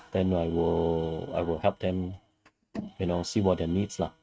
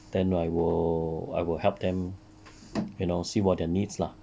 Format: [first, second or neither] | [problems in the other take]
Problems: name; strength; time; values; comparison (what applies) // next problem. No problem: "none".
second | noise reduction (neural mask model RNNoise)